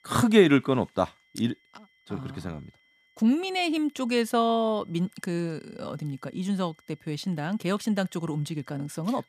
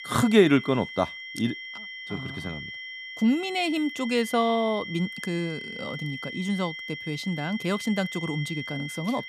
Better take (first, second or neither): first